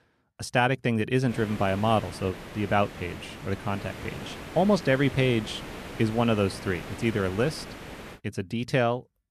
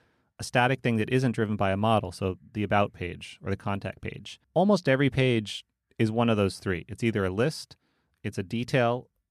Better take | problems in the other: second | hiss; noticeable; from 1.5 to 8 s; 15 dB below the speech

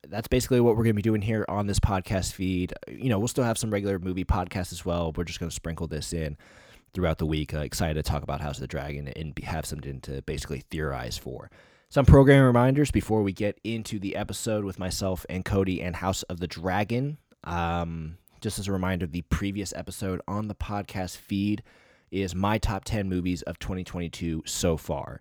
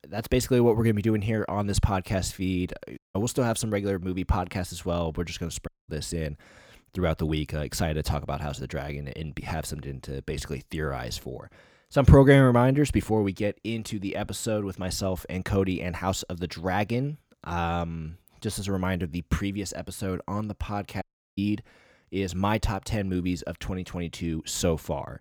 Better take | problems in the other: first | audio cutting out; at 3 s, at 5.5 s and at 21 s

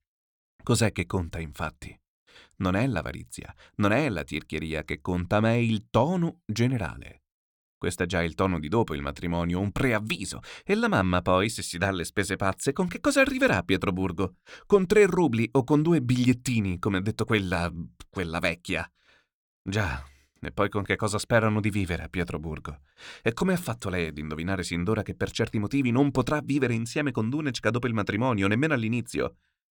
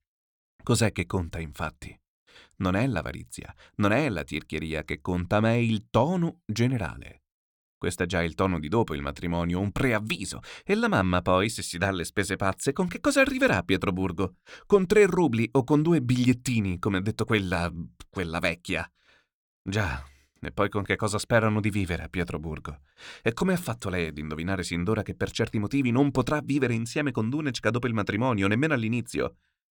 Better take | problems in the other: neither | none

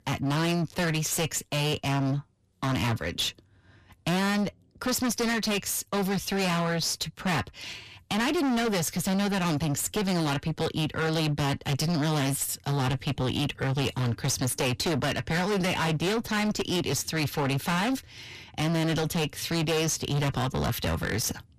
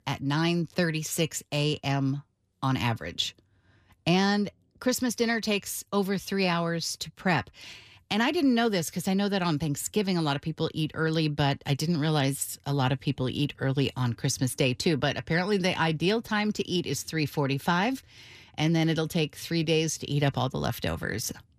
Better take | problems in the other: second | distortion; heavy; 27% of the sound clipped

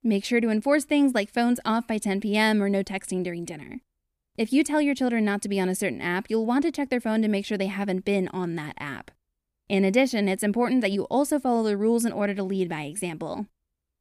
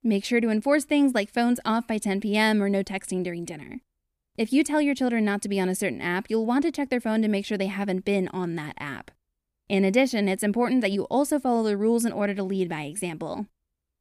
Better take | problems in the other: neither | none

